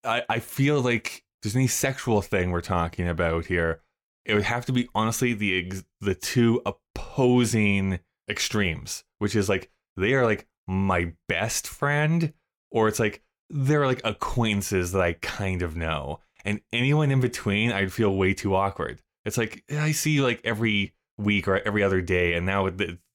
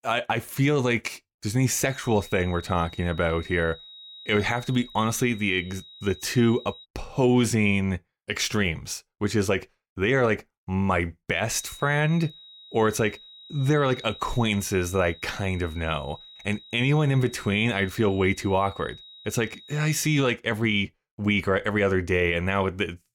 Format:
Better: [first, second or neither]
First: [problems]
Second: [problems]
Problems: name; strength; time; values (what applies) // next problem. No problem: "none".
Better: first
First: none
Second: high-pitched whine; noticeable; from 2 to 7 s and from 12 to 20 s; 4 kHz, 20 dB below the speech